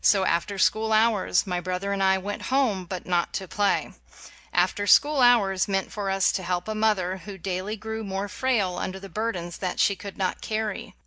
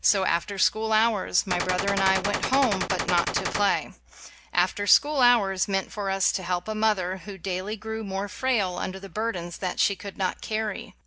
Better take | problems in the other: first | background sound (Gunshot, gunfire); 2 dB below the speech

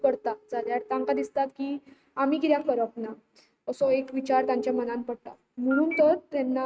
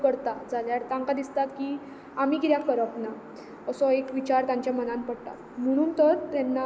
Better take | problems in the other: second | noise reduction (neural mask model RNNoise)

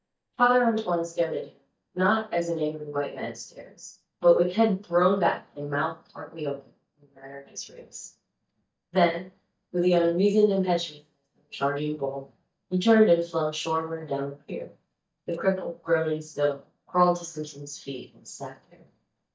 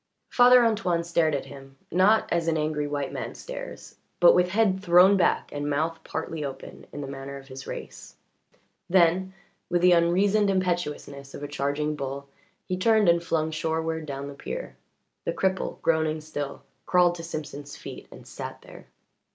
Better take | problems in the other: second | noise reduction (neural mask model DeepFilterNet 3)

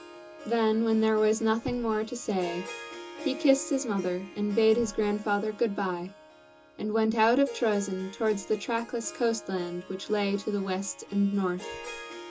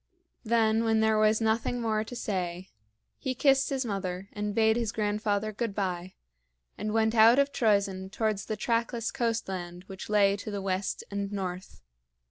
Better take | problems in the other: second | background sound (Harp); 16 dB below the speech // room echo; dies away in 0.2 s

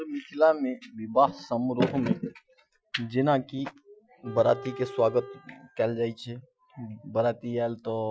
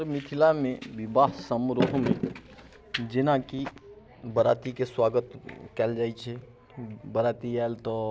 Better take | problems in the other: second | noise reduction (classical method Wiener filter)

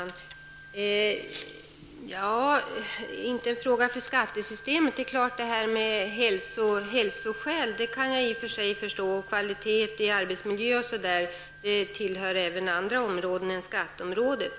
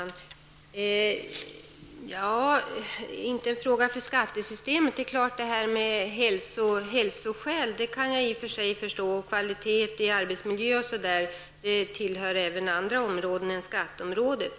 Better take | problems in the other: second | background sound (Wind instrument, woodwind instrument); 17 dB below the speech

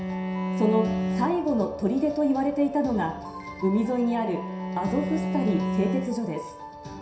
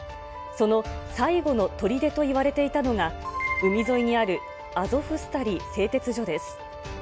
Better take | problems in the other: second | background sound (Bowed string instrument); 5 dB below the speech // room echo; dies away in 0.7 s

